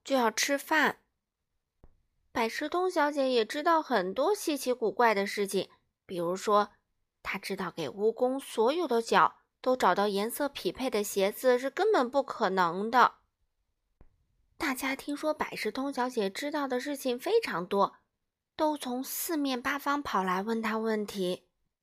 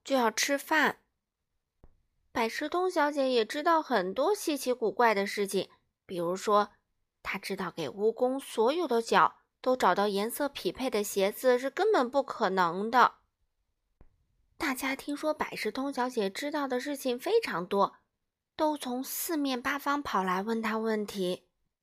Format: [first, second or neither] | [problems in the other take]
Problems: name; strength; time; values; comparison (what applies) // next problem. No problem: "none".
neither | none